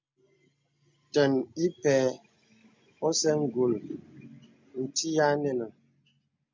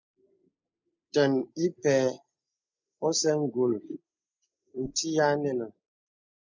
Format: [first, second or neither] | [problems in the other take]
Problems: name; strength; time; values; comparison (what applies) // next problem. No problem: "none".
first | noise reduction (neural mask model Resemble Enhance denoiser)